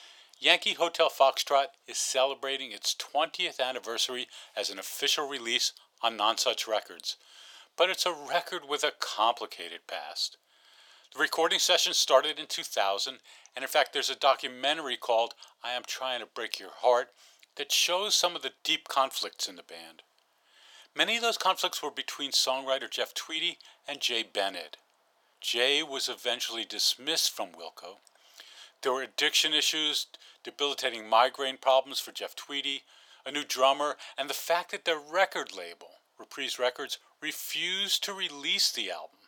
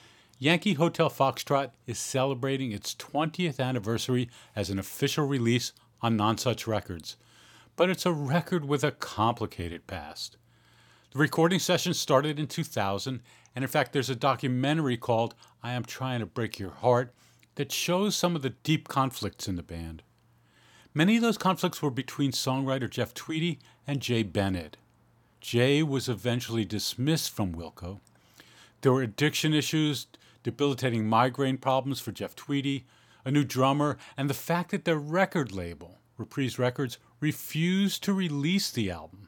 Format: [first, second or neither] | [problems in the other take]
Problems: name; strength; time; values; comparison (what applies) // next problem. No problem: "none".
second | thin; very; fading below 500 Hz